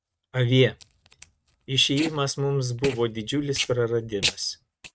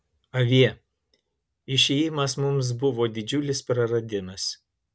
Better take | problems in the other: second | noise reduction (neural mask model RNNoise)

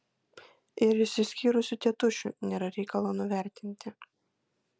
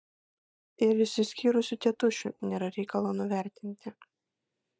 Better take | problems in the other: first | noise reduction (neural mask model DeepFilterNet 3)

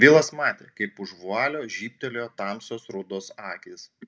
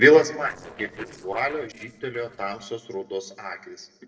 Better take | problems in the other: first | noise reduction (neural separator model SepFormer DNS4)

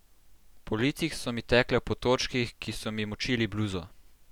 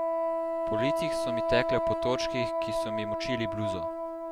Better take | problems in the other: first | background sound (Wind instrument, woodwind instrument); 5 dB above the speech

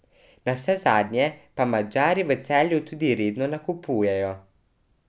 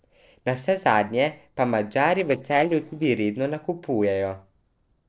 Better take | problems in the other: first | noise reduction (neural separator model SepFormer DNS4)

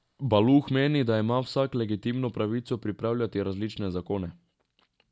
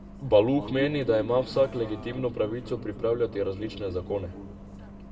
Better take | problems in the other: first | background sound (Bus); 16 dB below the speech // room echo; dies away in 1.8 s

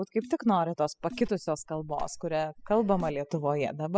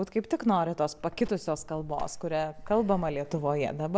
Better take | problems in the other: second | noise reduction (classical method spectral subtraction)

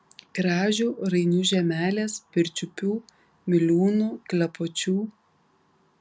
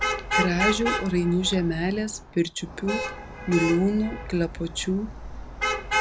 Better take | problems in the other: first | background sound (Traffic noise, roadway noise / Vehicle horn, car horn, honking); 4 dB below the speech

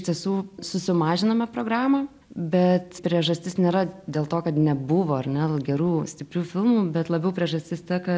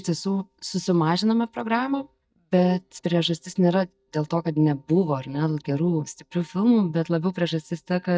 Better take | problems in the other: first | noise reduction (neural mask model DeepFilterNet 3)

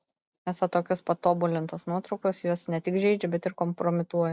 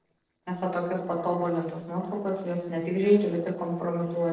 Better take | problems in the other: first | noise reduction (neural separator model SepFormer DNS4)

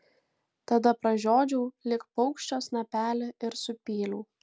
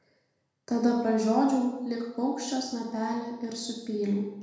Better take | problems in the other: first | room echo; dies away in 1 s

